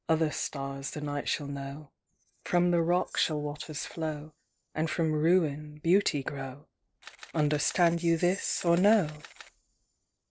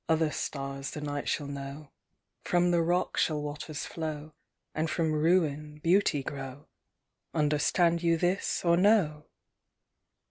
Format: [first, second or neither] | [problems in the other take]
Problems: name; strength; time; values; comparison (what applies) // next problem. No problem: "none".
second | noise reduction (neural separator model SepFormer DNS4)